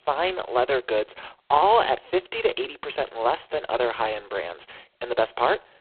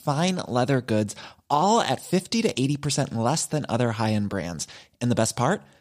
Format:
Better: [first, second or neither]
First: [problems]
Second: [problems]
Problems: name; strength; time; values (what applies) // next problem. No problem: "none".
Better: second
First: phone-call audio; poor line; nothing above 4 kHz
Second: none